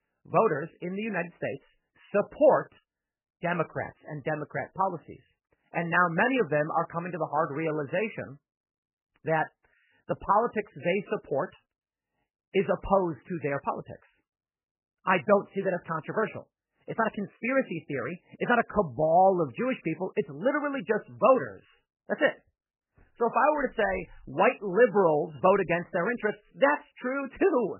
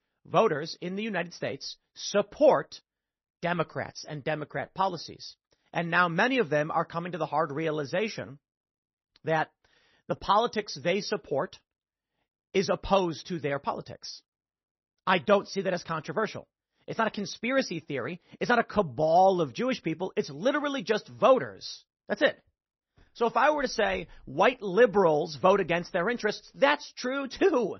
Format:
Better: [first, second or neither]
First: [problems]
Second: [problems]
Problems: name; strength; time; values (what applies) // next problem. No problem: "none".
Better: second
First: garbled, watery; badly; nothing above 3 kHz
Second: garbled, watery; slightly; nothing above 6 kHz